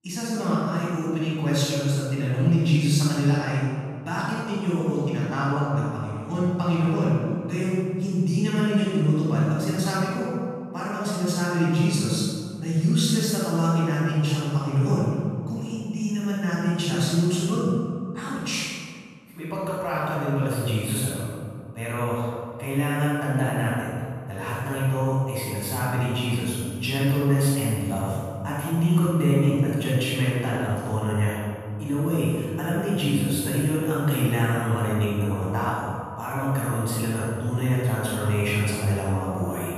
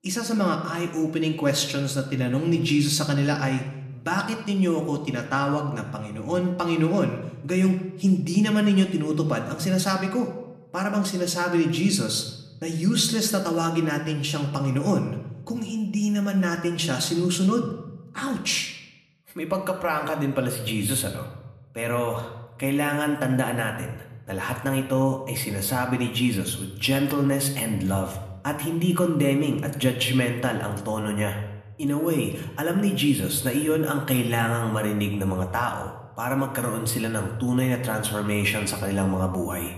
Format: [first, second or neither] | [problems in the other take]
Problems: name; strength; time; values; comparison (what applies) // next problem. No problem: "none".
second | room echo; strong; dies away in 1.9 s; slight in the second // off-mic speech; far